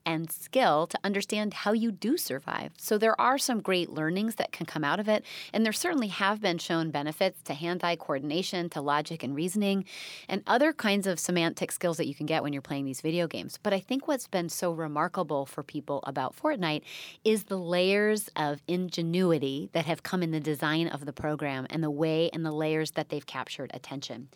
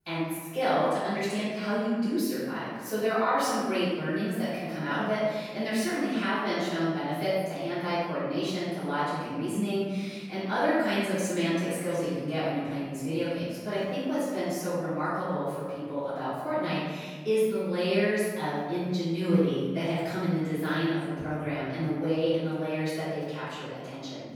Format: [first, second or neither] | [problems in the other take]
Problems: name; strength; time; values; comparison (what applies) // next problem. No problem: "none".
first | off-mic speech; far // room echo; strong; dies away in 1.5 s